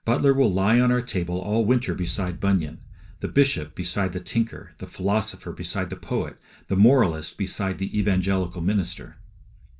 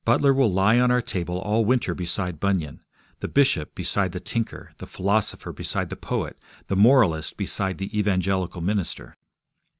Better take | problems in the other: second | background sound (Boom); 18 dB below the speech // room echo; dies away in 0.2 s

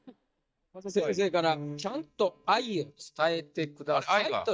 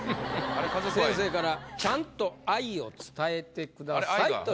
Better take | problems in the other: second | noise reduction (neural mask model DeepFilterNet 3)

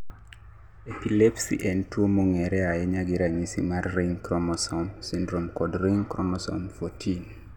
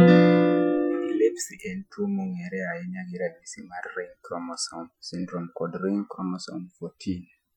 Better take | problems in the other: first | noise reduction (classical method Wiener filter)

